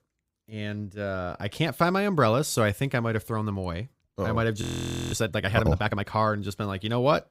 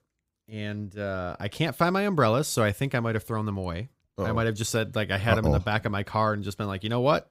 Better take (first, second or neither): second